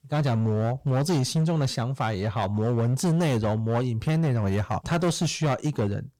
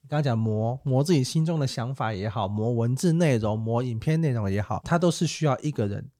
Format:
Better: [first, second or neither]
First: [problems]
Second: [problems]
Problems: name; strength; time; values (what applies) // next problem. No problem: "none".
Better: second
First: distortion; slight; 16% of the sound clipped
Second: none